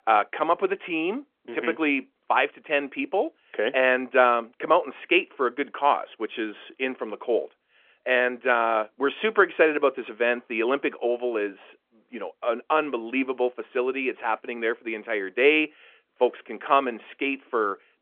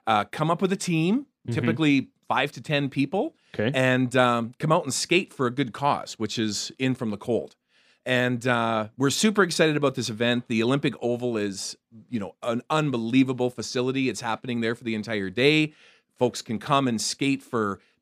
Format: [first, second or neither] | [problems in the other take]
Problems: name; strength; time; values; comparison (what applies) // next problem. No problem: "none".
second | phone-call audio